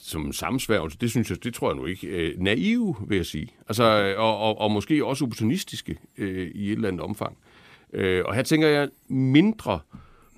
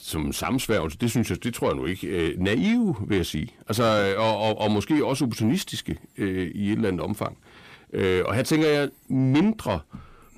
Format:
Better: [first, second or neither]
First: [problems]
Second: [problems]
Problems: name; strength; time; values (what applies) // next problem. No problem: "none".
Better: first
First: none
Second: distortion; slight; 10 dB below the speech